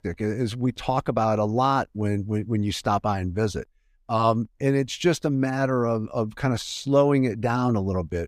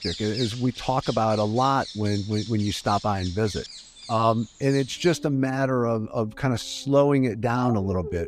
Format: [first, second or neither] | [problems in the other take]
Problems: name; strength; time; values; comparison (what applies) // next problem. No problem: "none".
first | animal sounds; noticeable; throughout; 15 dB below the speech